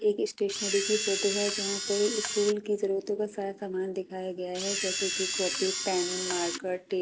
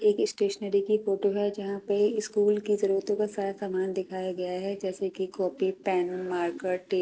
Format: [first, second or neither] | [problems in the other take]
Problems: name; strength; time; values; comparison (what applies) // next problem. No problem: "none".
second | background sound (Camera); 2 dB below the speech